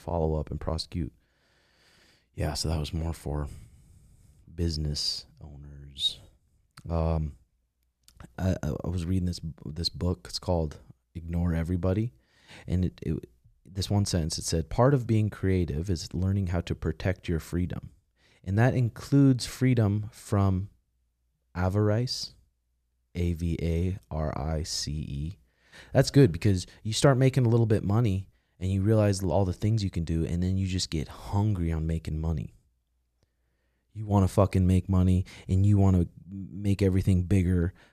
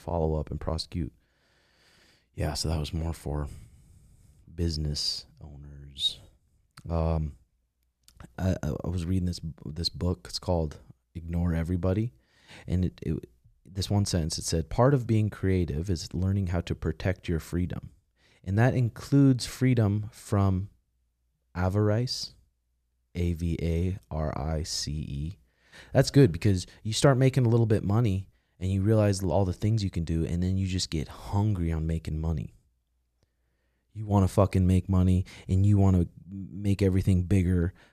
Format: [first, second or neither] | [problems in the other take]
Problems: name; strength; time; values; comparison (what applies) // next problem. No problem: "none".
neither | none